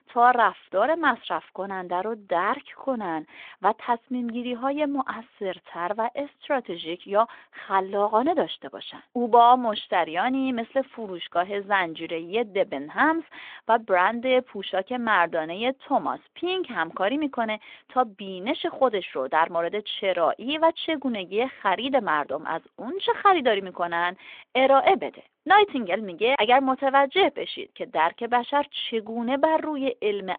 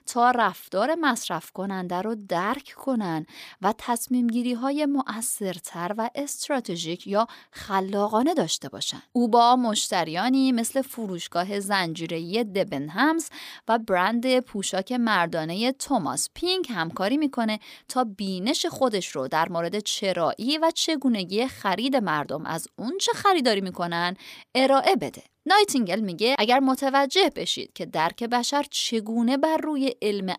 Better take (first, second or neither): second